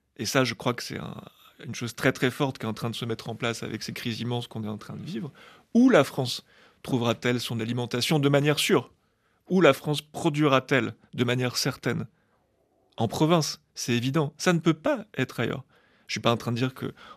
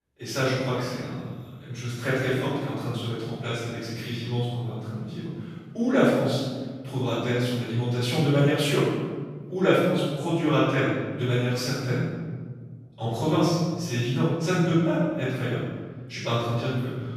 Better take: first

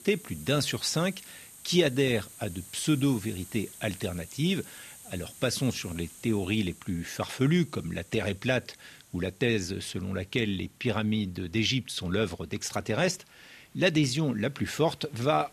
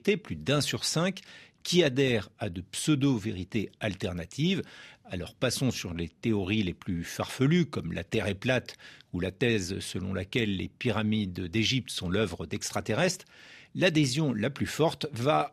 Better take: second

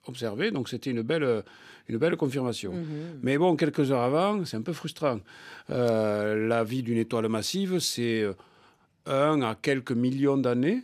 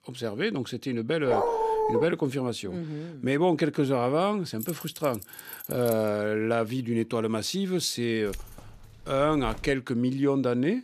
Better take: first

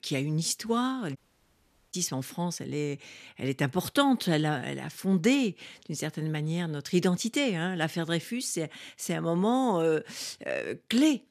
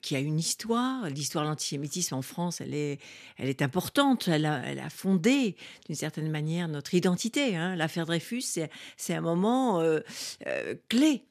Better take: second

